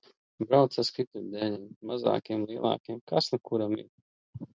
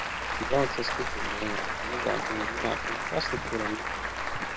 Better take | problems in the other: first | background sound (Applause); 2 dB above the speech

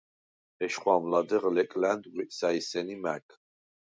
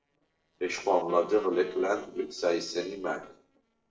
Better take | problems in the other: first | noise reduction (neural separator model SepFormer DNS4)

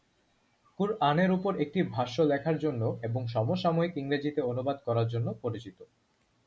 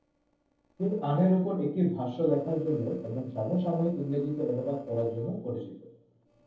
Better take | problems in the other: first | noise reduction (neural separator model SepFormer DNS4)

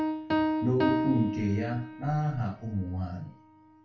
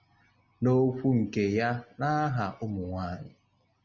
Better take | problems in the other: second | background sound (Piano); 1 dB below the speech // room echo; dies away in 0.2 s

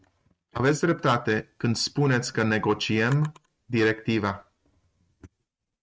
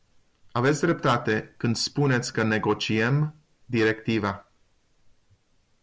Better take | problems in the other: second | noise reduction (neural mask model RNNoise)

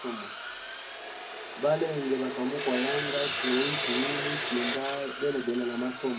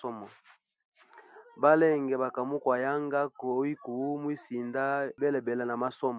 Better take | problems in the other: second | background sound (Sawing); 3 dB below the speech // room echo; dies away in 0.3 s

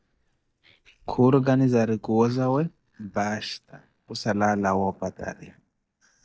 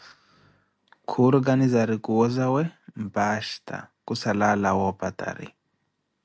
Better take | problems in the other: second | noise reduction (neural mask model DeepFilterNet 3)

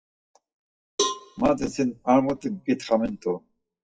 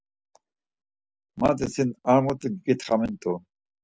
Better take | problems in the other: second | noise reduction (classical method WPE with log-MMSE)

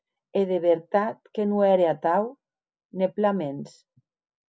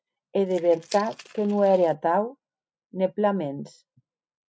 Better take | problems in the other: first | noise reduction (neural mask model RNNoise)

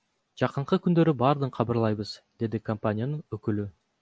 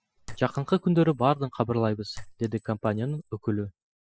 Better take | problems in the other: first | noise reduction (classical method spectral subtraction)

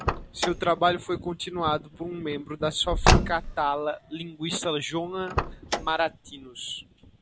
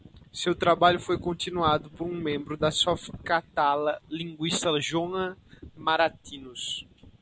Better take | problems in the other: second | background sound (Car); 1 dB below the speech

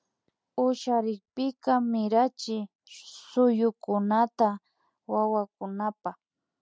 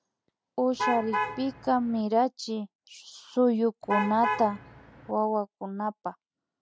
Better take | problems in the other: first | background sound (Alarm / Truck); 4 dB below the speech

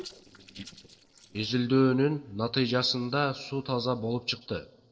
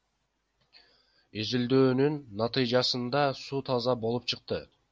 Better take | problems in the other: second | noise reduction (neural separator model SepFormer DNS4)

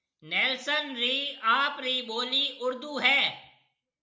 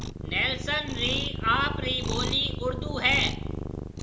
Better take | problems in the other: first | background sound (Cat); 3 dB below the speech

